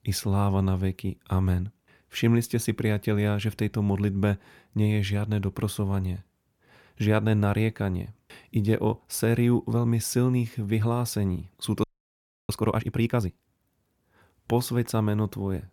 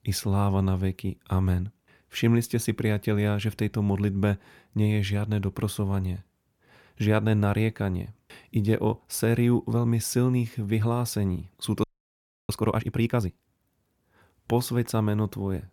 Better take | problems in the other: neither | audio freezing; at 12 s for 0.5 s; the same in both

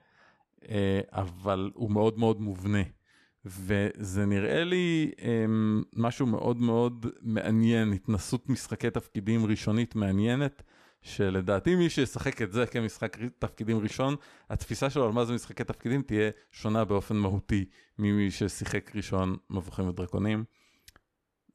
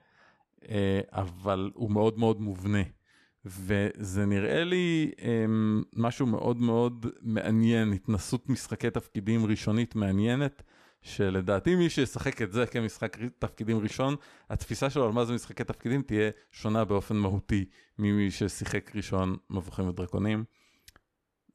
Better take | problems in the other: neither | none

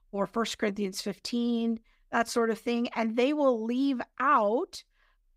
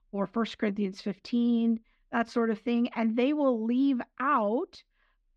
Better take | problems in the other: first | muffled; very slightly; fading above 3 kHz

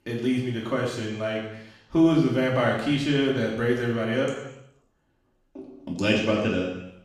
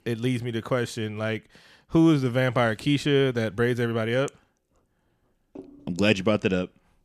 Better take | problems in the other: second | room echo; noticeable; dies away in 0.9 s // off-mic speech; far

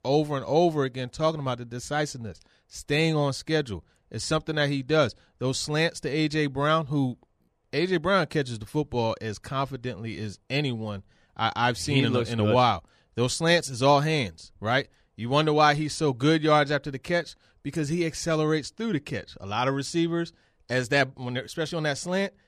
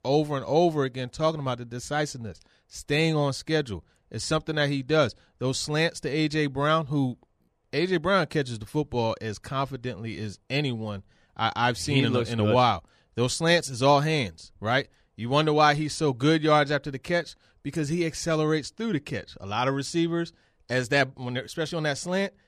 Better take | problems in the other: neither | none

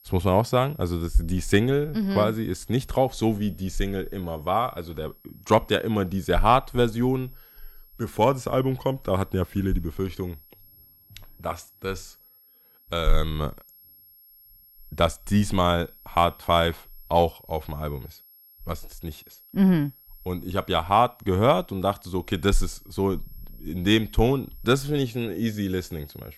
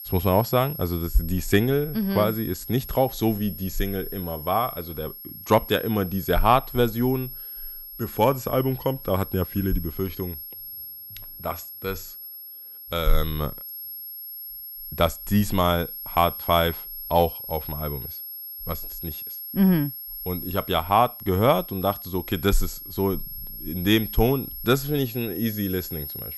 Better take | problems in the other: first | high-pitched whine; loud; throughout; 11.5 kHz, 10 dB below the speech; faint in the first

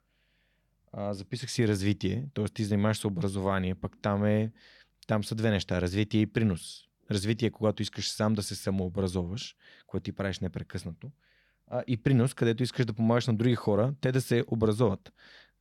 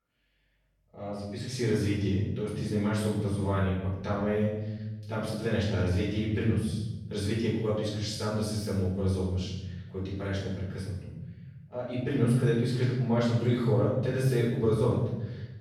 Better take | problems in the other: first | off-mic speech; far // room echo; noticeable; dies away in 1.2 s

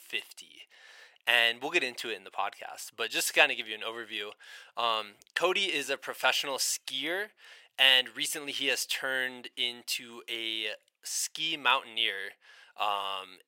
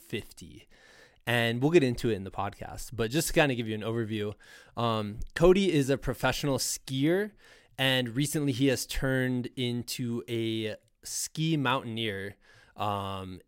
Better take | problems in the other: second | thin; very; fading below 800 Hz

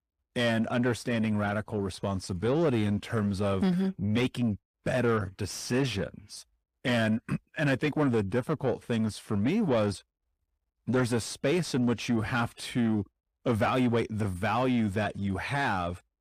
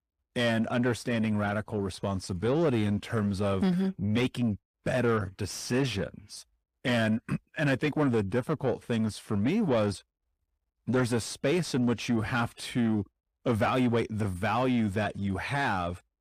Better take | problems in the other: neither | distortion; slight; 10 dB below the speech; the same in both

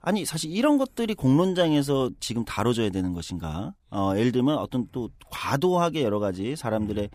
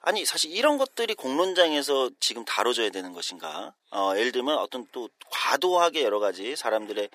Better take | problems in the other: first | thin; very; fading below 400 Hz

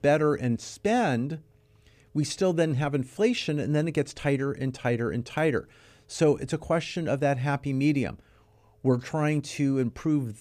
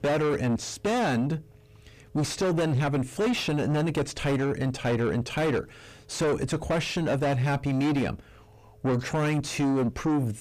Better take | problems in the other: first | distortion; heavy; 5 dB below the speech

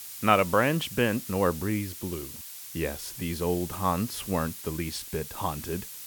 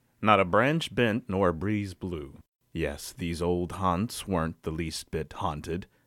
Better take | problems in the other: second | hiss; loud; throughout; 10 dB below the speech

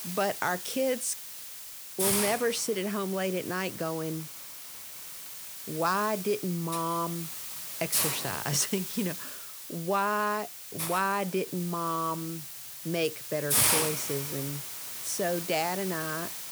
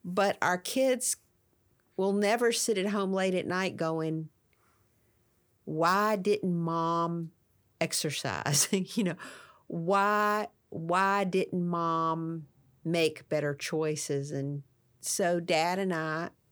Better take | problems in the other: second | hiss; loud; throughout; 2 dB below the speech

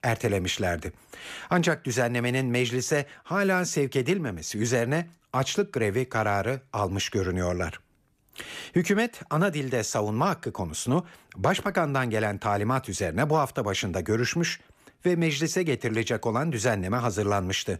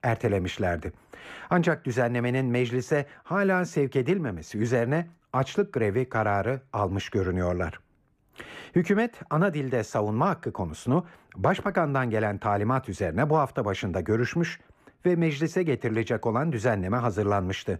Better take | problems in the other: first | muffled; slightly; fading above 2.5 kHz

